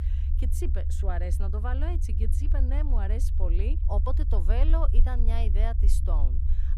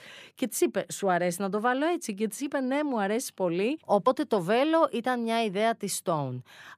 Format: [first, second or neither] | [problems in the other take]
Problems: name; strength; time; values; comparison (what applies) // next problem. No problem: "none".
second | low rumble; loud; throughout; 8 dB below the speech